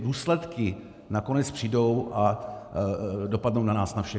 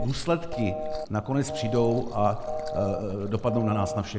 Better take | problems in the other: first | background sound (Telephone + Liquid); 6 dB below the speech

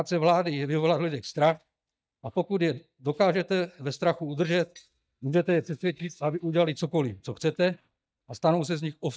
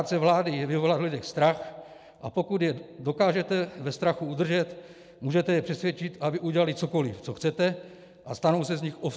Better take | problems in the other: second | noise reduction (neural mask model DeepFilterNet 3)

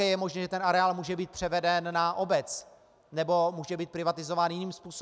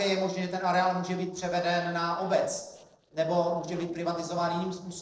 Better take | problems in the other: first | noise reduction (neural separator model SepFormer DNS4)

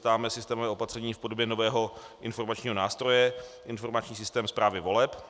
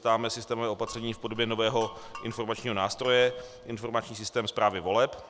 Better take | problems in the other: first | background sound (Glass); 18 dB below the speech

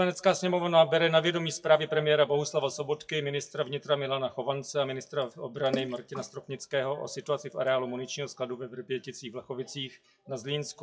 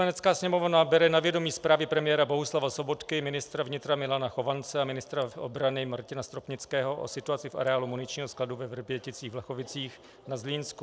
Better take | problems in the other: second | noise reduction (classical method WPE with log-MMSE)

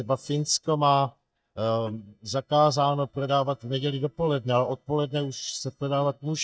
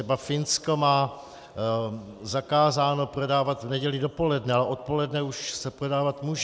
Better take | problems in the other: second | noise reduction (neural mask model DeepFilterNet 3)

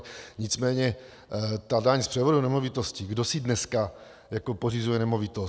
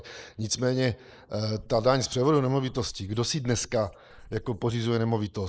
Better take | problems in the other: first | noise reduction (neural mask model Resemble Enhance denoiser)

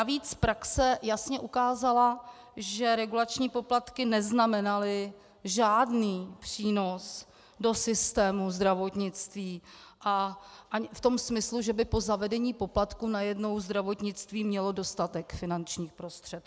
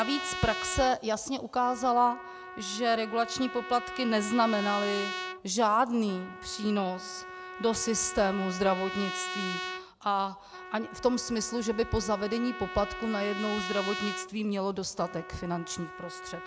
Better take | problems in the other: first | background sound (Trumpet); 9 dB below the speech

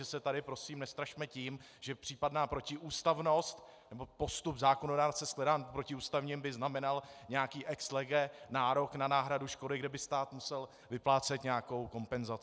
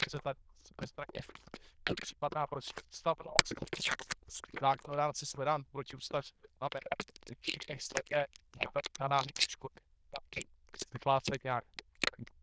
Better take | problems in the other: first | noise reduction (neural diffusion model UNIVERSE++)

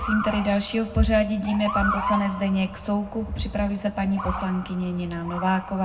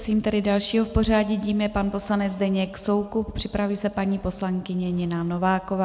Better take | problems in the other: second | background sound (Motor vehicle (road) / Siren); 8 dB below the speech // room echo; dies away in 0.3 s

